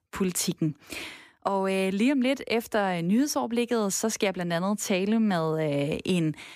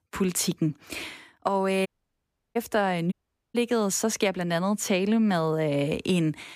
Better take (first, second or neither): first